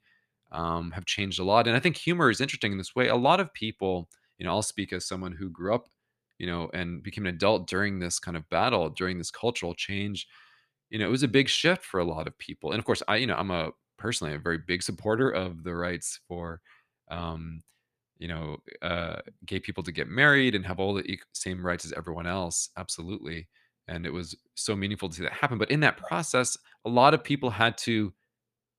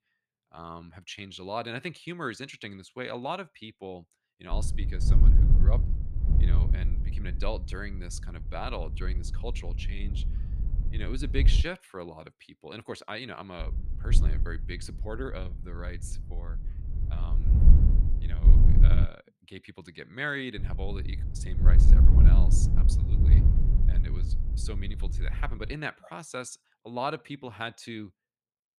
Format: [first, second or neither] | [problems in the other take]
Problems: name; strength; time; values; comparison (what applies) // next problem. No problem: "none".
first | wind noise on the microphone; heavy; from 4.5 to 12 s, from 14 to 19 s and from 21 to 26 s; 6 dB below the speech